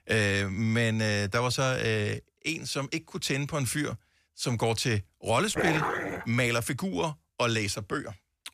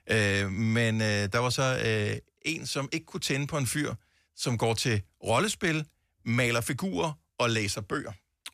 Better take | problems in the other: second | dog barking; noticeable; at 5.5 s; peak level with the speech

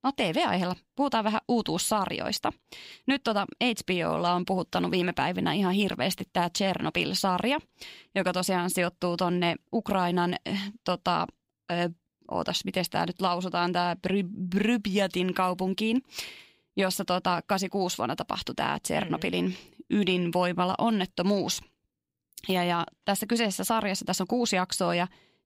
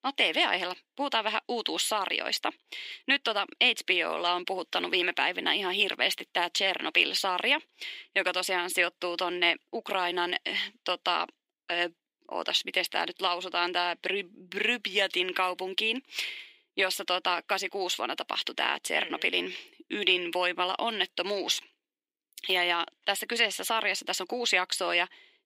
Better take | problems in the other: first | thin; somewhat; fading below 350 Hz

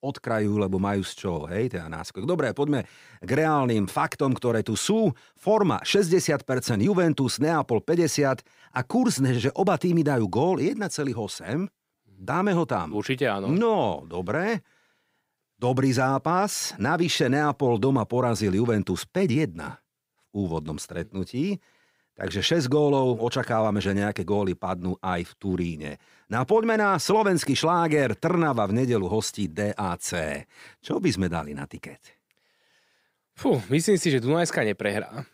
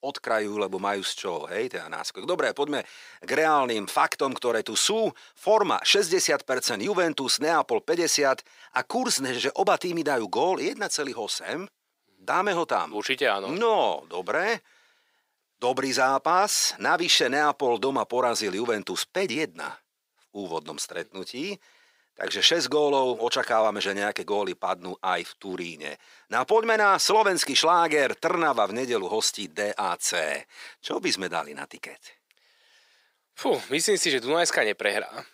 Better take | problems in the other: first | thin; somewhat; fading below 500 Hz

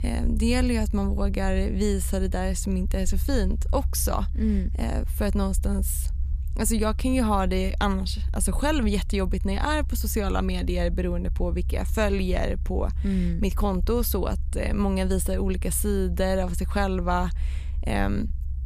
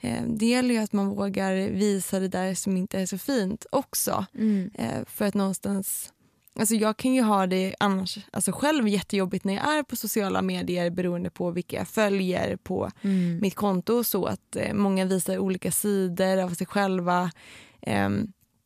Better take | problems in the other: second | low rumble; faint; throughout; 20 dB below the speech

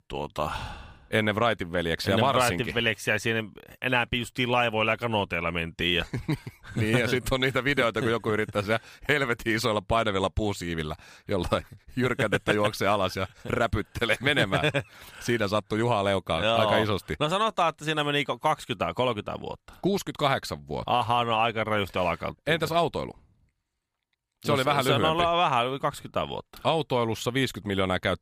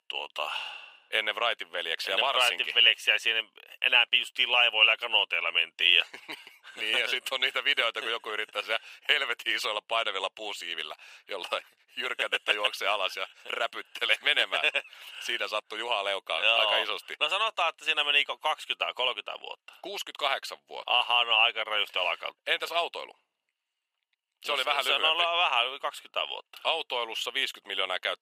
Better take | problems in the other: first | thin; very; fading below 550 Hz

